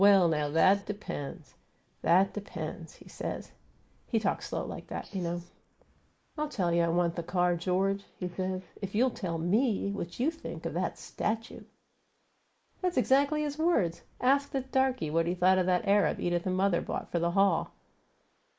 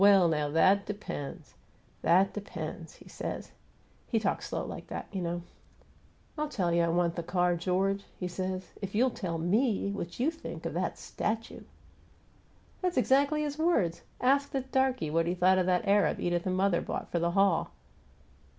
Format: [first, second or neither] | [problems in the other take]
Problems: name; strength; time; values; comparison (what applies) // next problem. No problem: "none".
second | noise reduction (neural mask model Resemble Enhance denoiser)